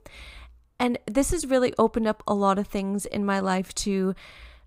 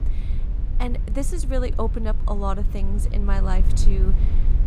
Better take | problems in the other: first | low rumble; noticeable; throughout; 10 dB below the speech

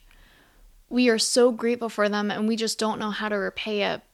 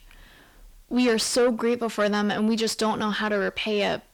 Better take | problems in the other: first | distortion; slight; 10 dB below the speech

